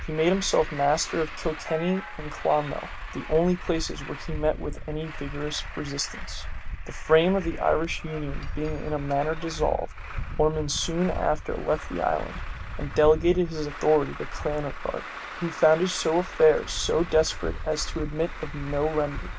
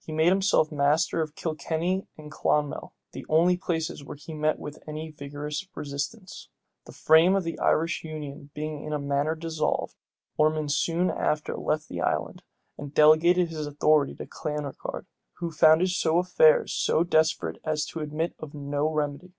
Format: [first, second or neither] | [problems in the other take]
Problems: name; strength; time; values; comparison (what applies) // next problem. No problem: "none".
second | background sound (Truck); 7 dB below the speech